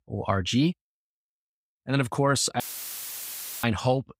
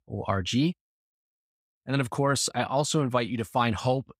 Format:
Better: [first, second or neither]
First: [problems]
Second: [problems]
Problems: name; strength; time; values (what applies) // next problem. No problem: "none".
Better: second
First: audio cutting out; filled with static; at 2.5 s for 1 s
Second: none